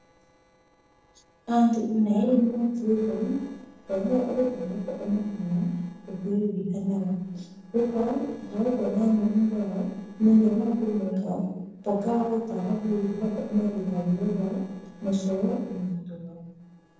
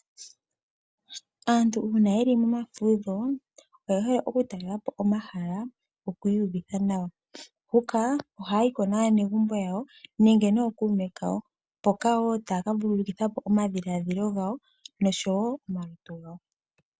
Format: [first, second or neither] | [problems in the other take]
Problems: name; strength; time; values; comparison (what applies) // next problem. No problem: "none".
second | noise reduction (neural separator model SepFormer DNS4)